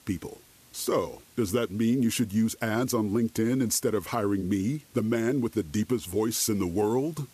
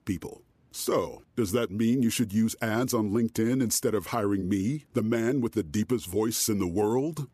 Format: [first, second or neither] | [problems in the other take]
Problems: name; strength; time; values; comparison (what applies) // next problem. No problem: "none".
second | hiss; faint; throughout; 25 dB below the speech